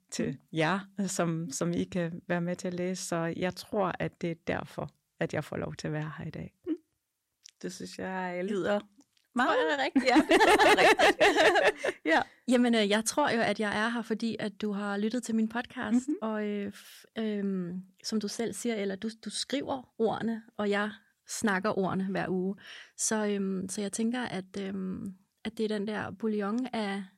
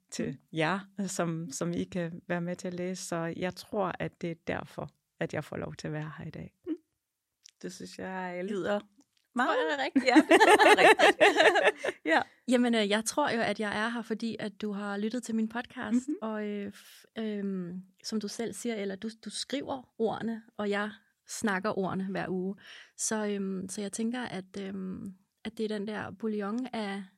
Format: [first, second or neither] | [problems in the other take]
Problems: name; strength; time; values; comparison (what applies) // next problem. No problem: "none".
second | distortion; slight; 10 dB below the speech